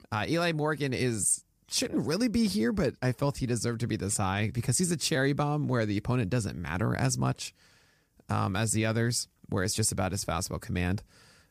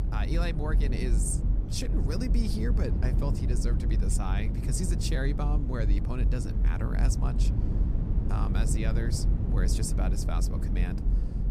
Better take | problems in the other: first | low rumble; loud; throughout; 5 dB below the speech

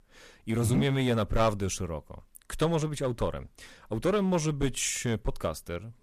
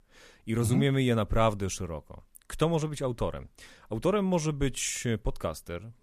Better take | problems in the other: second | distortion; slight; 5% of the sound clipped

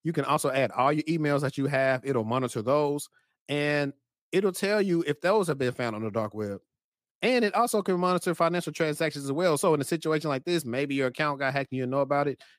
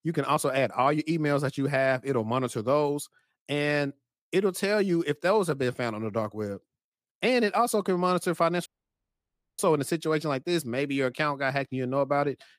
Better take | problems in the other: first | audio cutting out; at 8.5 s for 1 s

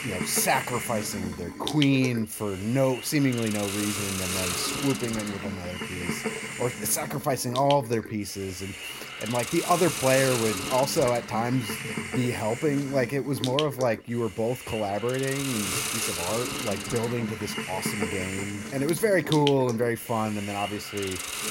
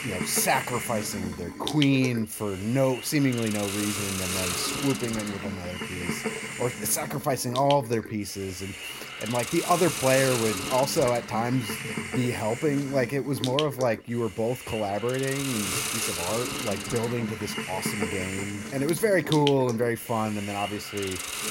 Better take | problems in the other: neither | hiss; loud; throughout; 5 dB below the speech; the same in both

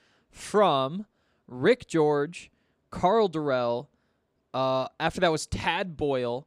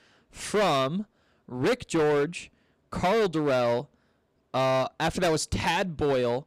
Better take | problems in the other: first | distortion; heavy; 14% of the sound clipped

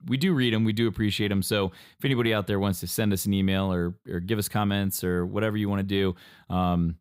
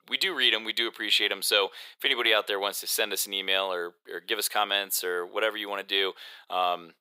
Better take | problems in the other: first | thin; very; fading below 450 Hz

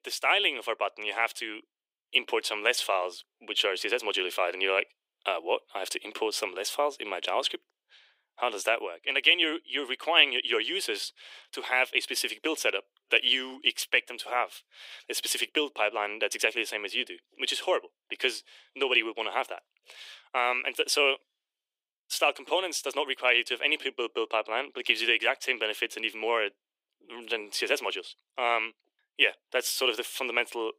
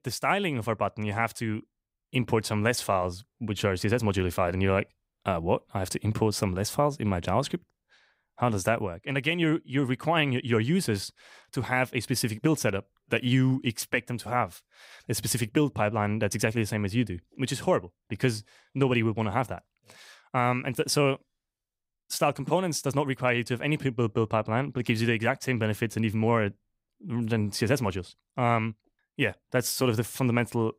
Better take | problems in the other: second | thin; very; fading below 350 Hz

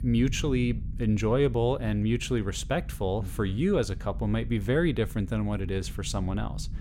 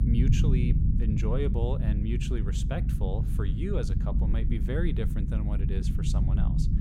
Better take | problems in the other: first | low rumble; loud; throughout; 3 dB below the speech; faint in the first

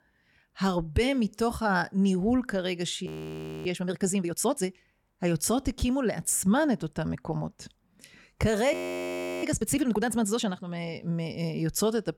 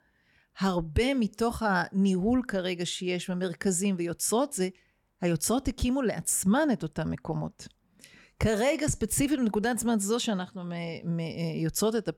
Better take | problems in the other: second | audio freezing; at 3 s for 0.5 s and at 8.5 s for 0.5 s

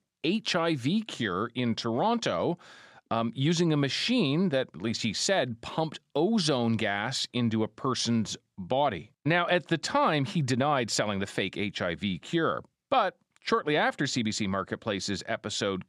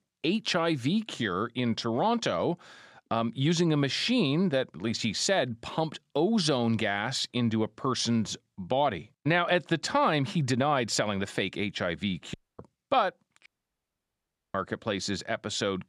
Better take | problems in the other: first | audio cutting out; at 12 s and at 13 s for 1 s

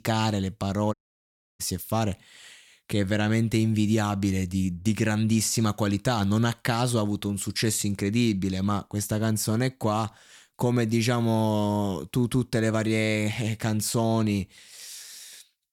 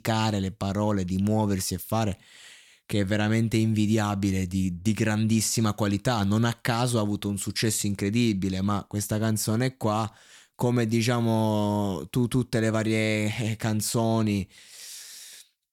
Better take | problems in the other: second | audio cutting out; at 1 s for 0.5 s

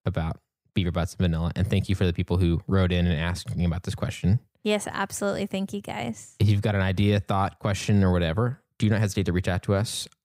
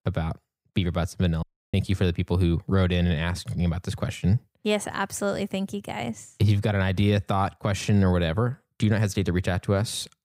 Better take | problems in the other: first | audio cutting out; at 1.5 s

